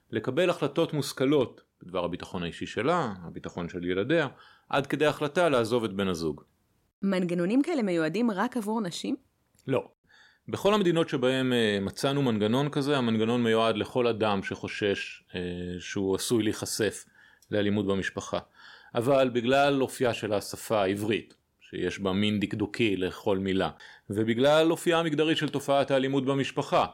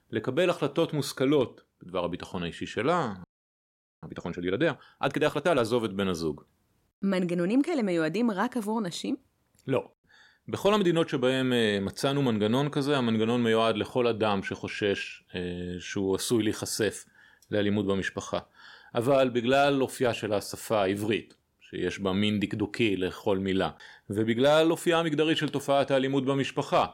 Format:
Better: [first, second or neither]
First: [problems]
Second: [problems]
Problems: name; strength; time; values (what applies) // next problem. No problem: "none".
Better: first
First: none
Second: audio freezing; at 3 s for 1 s